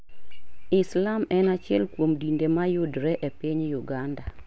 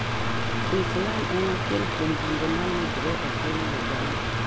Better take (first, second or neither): first